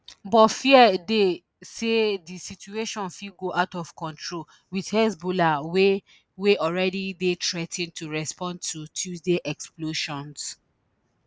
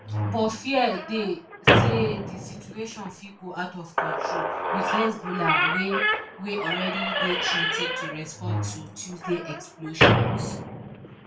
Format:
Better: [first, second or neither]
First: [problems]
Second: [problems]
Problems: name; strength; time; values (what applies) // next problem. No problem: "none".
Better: first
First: none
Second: background sound (Squeak / Slam); 5 dB above the speech // room echo; dies away in 0.3 s